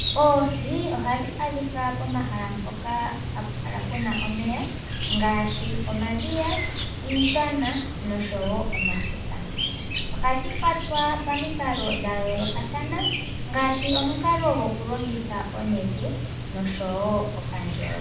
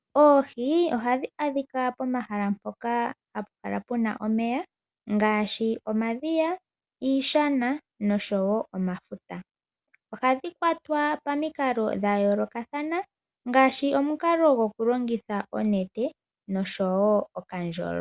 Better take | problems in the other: second | background sound (Chirp, tweet); 2 dB below the speech // room echo; dies away in 0.5 s

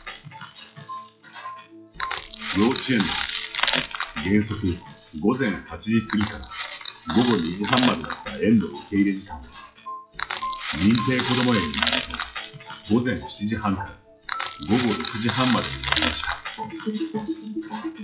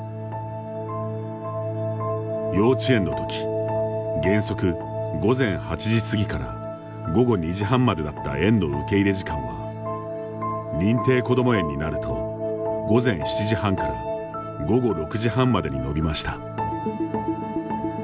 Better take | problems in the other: second | noise reduction (classical method WPE with log-MMSE)

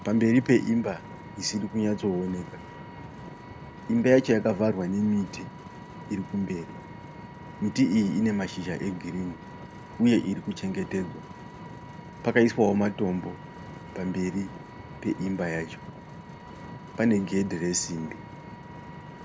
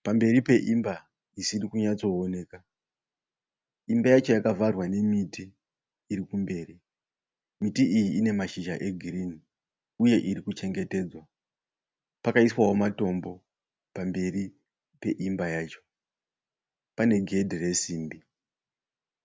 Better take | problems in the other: second | background sound (Vehicle); 14 dB below the speech

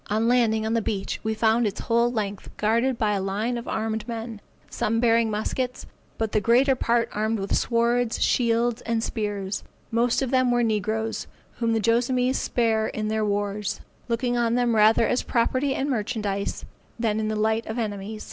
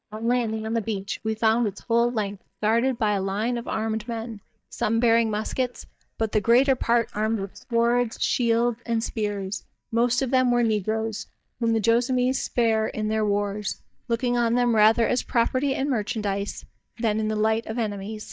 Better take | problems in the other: first | noise reduction (neural mask model DeepFilterNet 3)

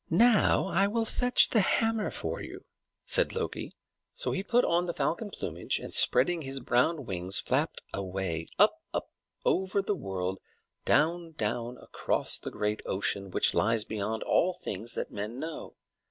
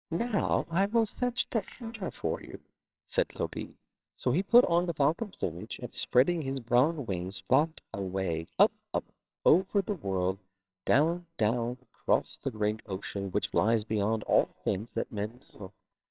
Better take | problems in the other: first | noise reduction (neural separator model SepFormer WHAMR!)

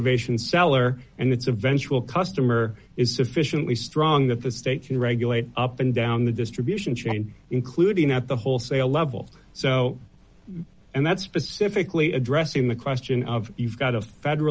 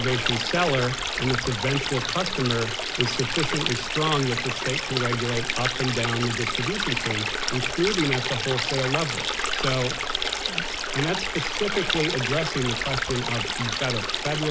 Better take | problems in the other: first | background sound (Stream); as loud as the speech

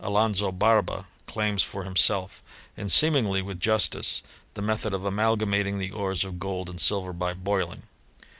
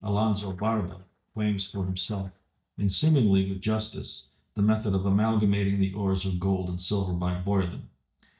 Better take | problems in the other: first | noise reduction (neural mask model DeepFilterNet 3)

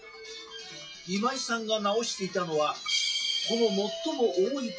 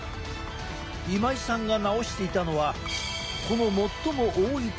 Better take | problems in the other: second | noise reduction (classical method WPE with log-MMSE)

